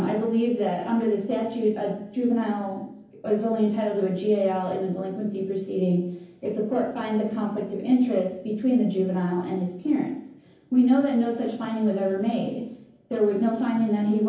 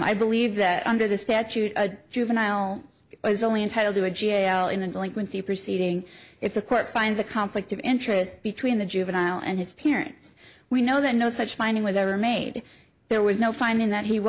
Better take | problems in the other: second | room echo; dies away in 0.7 s

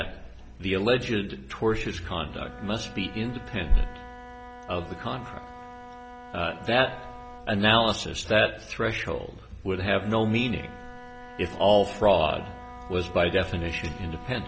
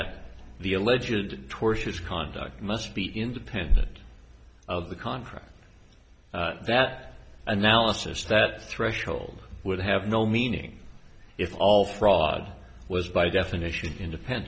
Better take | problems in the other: second | background sound (Wind instrument, woodwind instrument); 18 dB below the speech

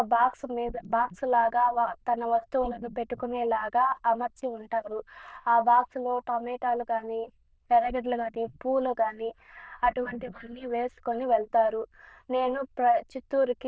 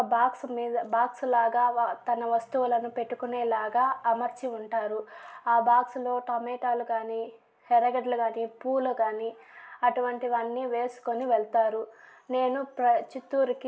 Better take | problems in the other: second | noise reduction (neural diffusion model UNIVERSE++)

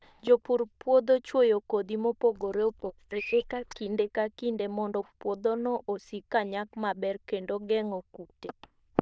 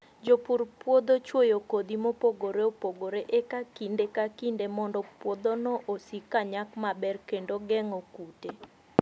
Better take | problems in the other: second | noise reduction (neural diffusion model UNIVERSE++)

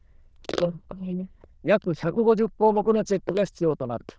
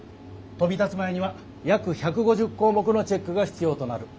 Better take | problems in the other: second | noise reduction (neural diffusion model UNIVERSE++)

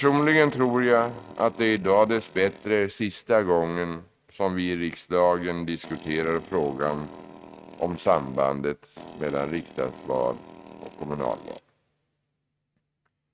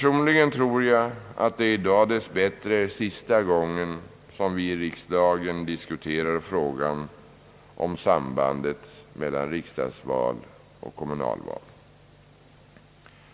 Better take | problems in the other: second | noise reduction (neural mask model RNNoise)

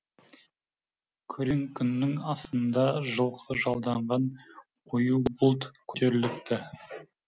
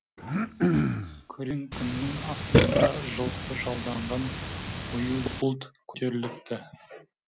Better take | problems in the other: first | background sound (Burping, eructation + Cough); 5 dB above the speech

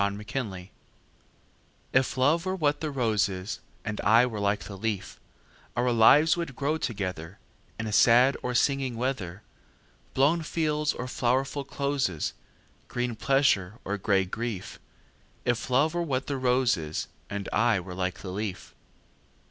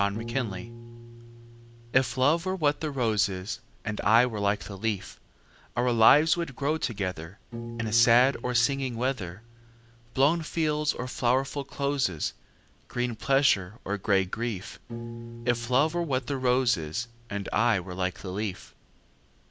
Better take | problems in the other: first | background sound (Piano); 16 dB below the speech

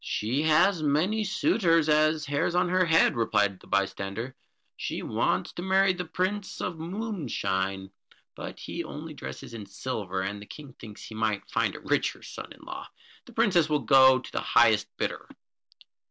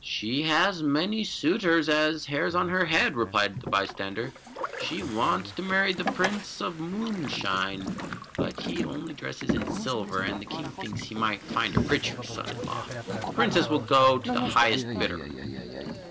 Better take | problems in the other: first | background sound (Boat, Water vehicle); 7 dB below the speech

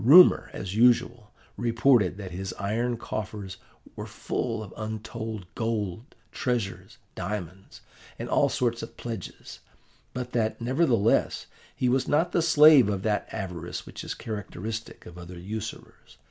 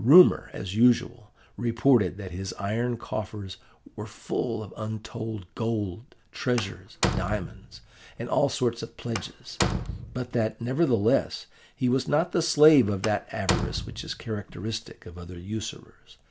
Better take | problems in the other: first | background sound (Slam); 6 dB below the speech

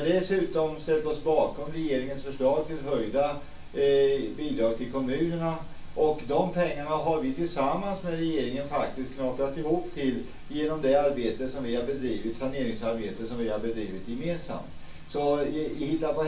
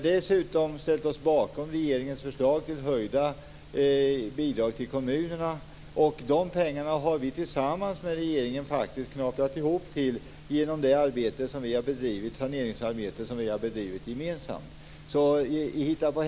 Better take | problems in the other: second | room echo; dies away in 0.3 s

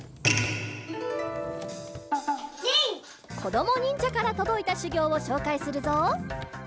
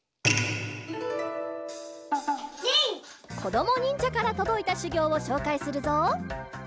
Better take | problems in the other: second | background sound (Drawer open or close); 19 dB below the speech

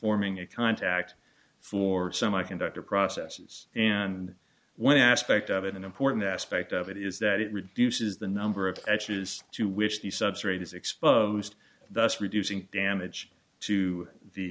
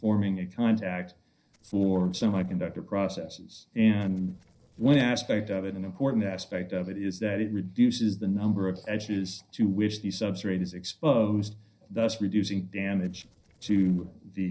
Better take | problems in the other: first | noise reduction (neural separator model SepFormer DNS4)

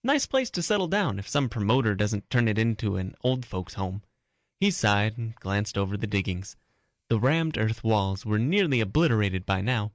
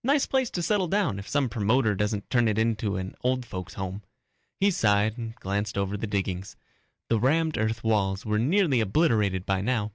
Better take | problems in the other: second | noise reduction (neural mask model Resemble Enhance denoiser)

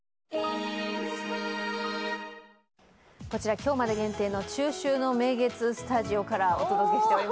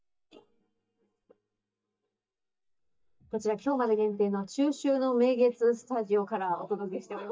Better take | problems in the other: first | noise reduction (neural mask model DeepFilterNet 3)

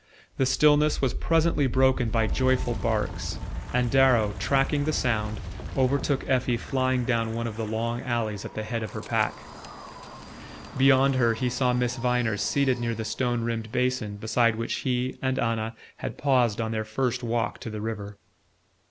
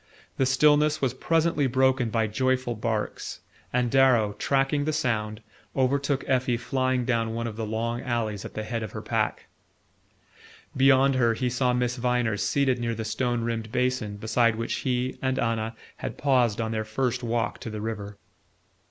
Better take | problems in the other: second | background sound (Wind); 10 dB below the speech

